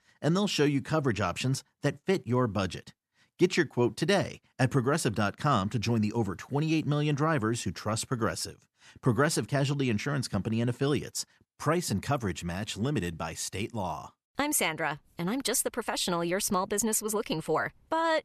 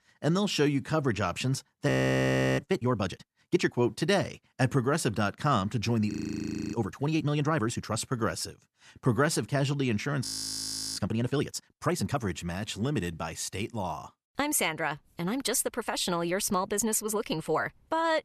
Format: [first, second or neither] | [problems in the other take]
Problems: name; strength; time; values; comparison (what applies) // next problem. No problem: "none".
first | audio freezing; at 2 s for 0.5 s, at 6 s for 0.5 s and at 10 s for 0.5 s